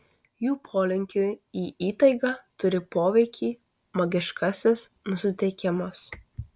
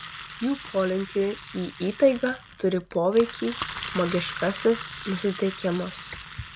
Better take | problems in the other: first | background sound (Engine); 12 dB below the speech

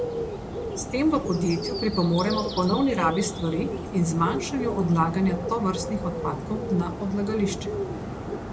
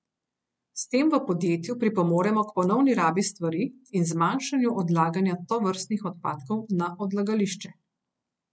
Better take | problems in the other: second | background sound (Bird); 5 dB below the speech // room echo; dies away in 1.8 s

